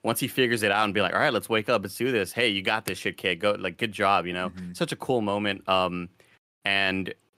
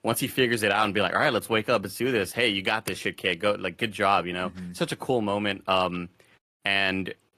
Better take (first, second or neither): first